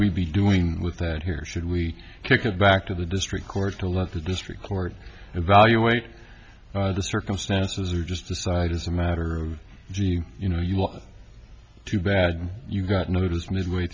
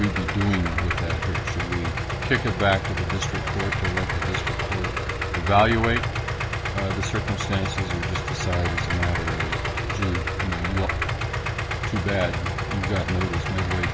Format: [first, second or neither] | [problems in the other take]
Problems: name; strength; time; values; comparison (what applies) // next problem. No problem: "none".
first | background sound (Idling); 1 dB above the speech